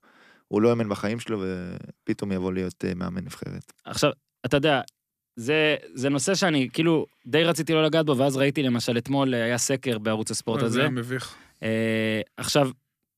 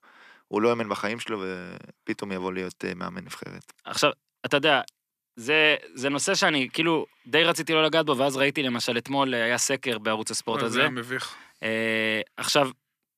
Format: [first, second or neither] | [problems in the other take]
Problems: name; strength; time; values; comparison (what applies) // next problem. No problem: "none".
first | thin; very slightly; fading below 300 Hz